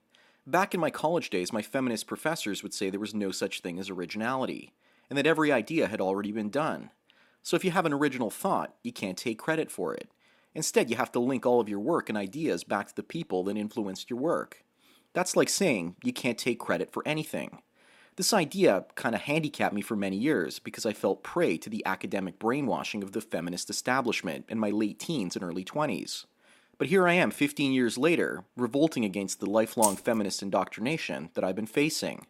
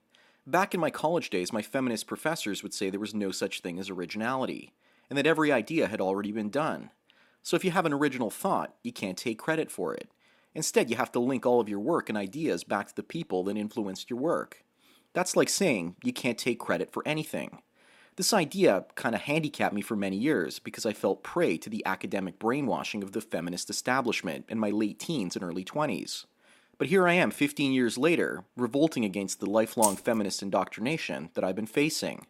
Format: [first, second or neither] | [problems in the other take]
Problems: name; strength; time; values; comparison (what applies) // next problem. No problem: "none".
neither | jangling keys; noticeable; at 30 s; peak level with the speech; the same in both